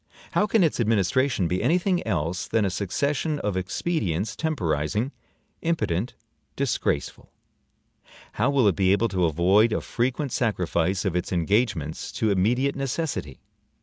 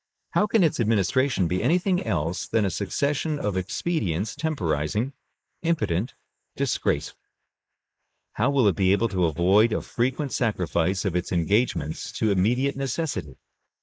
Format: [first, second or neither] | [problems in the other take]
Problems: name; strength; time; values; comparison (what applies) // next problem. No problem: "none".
first | noise reduction (neural mask model Resemble Enhance denoiser)